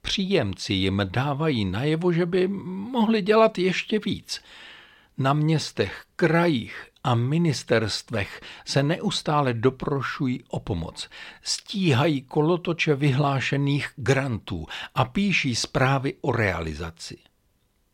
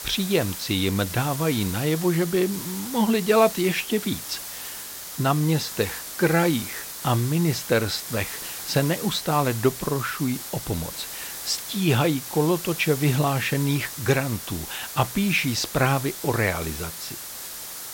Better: first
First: none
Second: hiss; loud; throughout; 8 dB below the speech

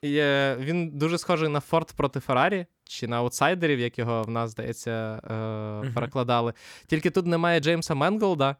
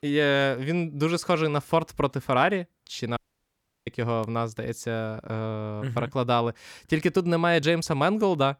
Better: first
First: none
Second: audio cutting out; at 3 s for 0.5 s

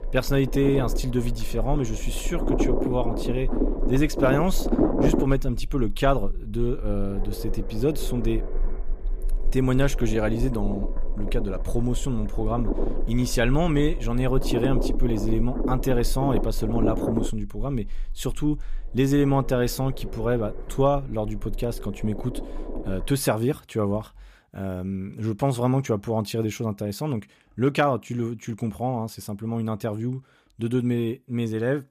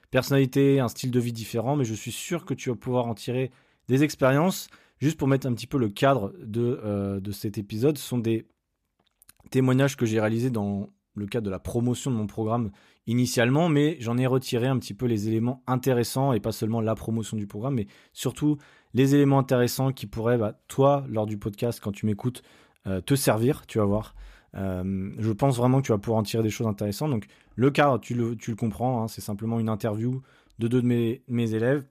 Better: second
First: low rumble; loud; until 23 s; 5 dB below the speech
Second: none

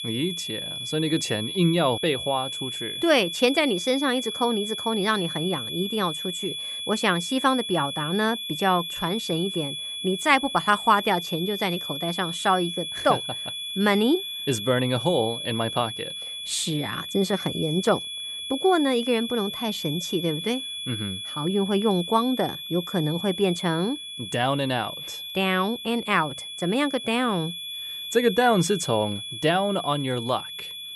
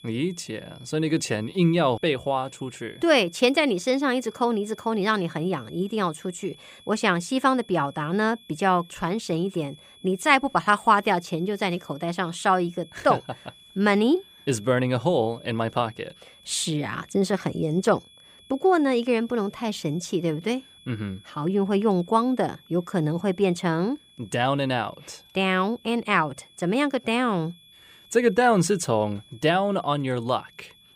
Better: second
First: high-pitched whine; loud; throughout; 3.5 kHz, 6 dB below the speech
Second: high-pitched whine; faint; throughout; 3.5 kHz, 25 dB below the speech

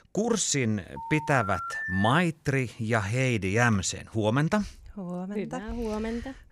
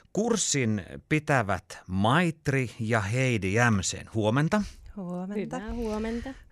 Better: second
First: phone ringing; noticeable; from 1 to 2 s; peak 4 dB below the speech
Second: none

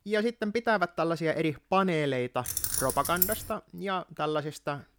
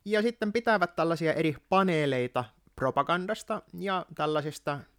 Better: second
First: jangling keys; loud; at 2.5 s; peak 3 dB above the speech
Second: none

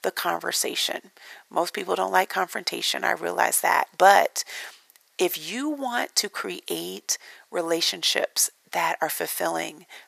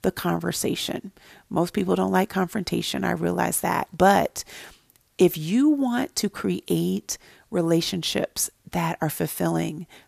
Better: second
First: thin; very; fading below 650 Hz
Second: none

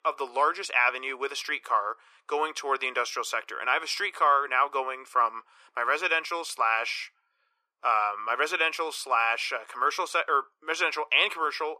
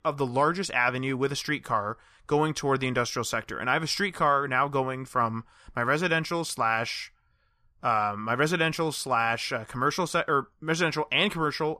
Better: second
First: thin; very; fading below 400 Hz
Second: none

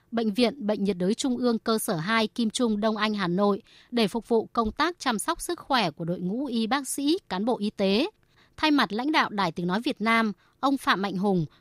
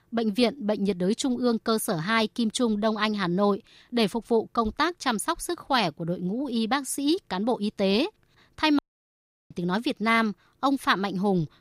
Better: first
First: none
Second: audio cutting out; at 9 s for 0.5 s

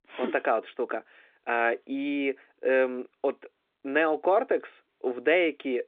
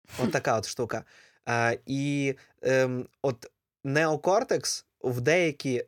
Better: second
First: phone-call audio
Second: none

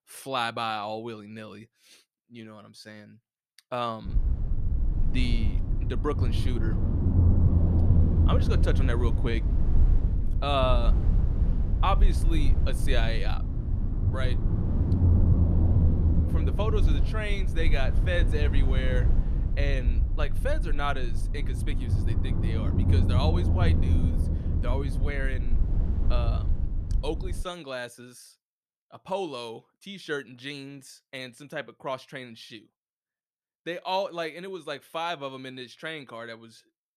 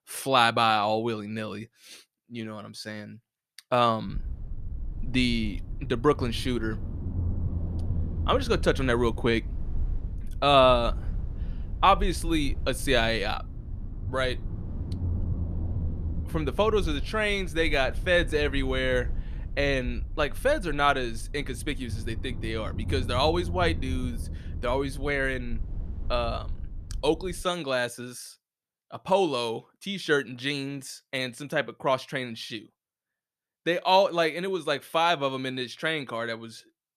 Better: second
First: low rumble; loud; from 4 to 27 s; 7 dB below the speech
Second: low rumble; faint; from 4 to 27 s; 25 dB below the speech

